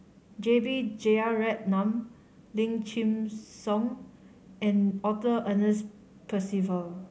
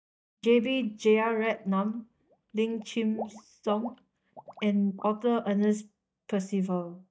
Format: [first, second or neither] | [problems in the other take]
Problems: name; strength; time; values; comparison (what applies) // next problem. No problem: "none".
first | noise reduction (neural mask model DeepFilterNet 3)